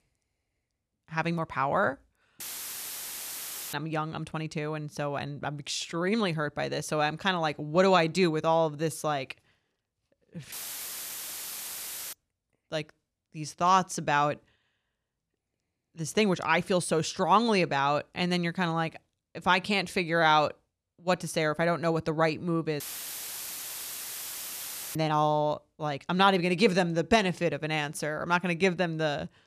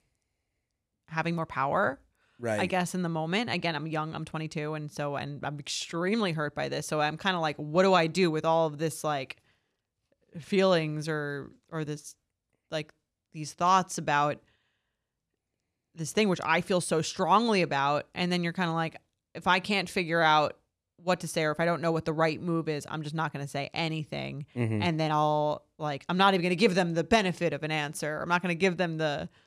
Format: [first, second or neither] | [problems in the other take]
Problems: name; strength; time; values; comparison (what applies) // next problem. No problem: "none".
second | audio cutting out; filled with static; at 2.5 s for 1.5 s, at 11 s for 1.5 s and at 23 s for 2 s